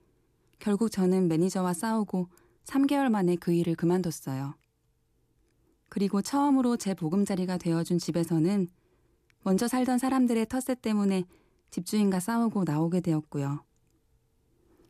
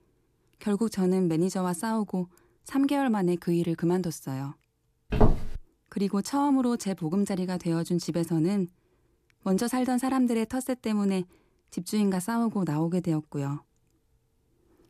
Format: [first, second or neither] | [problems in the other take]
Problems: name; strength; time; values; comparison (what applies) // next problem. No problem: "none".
first | footsteps; loud; at 5 s; peak 3 dB above the speech